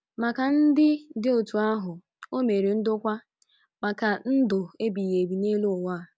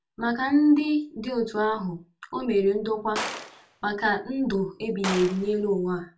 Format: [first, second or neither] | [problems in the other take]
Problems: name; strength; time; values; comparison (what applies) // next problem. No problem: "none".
first | background sound (Gunshot, gunfire); 12 dB below the speech // room echo; dies away in 0.2 s